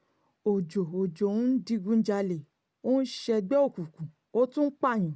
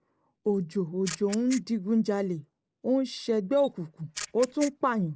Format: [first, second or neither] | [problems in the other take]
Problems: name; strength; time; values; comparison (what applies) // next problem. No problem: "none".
first | noise reduction (neural mask model Resemble Enhance denoiser)